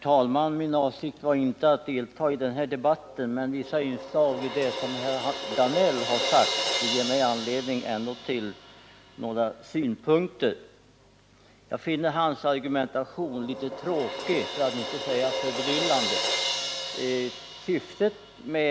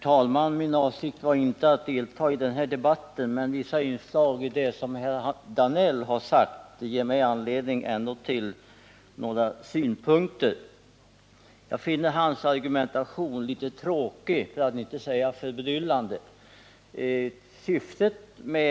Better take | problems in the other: second | background sound (Crash cymbal); 7 dB below the speech

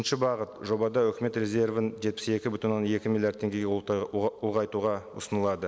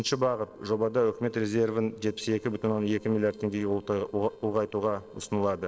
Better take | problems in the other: first | noise reduction (neural separator model SepFormer DNS4)

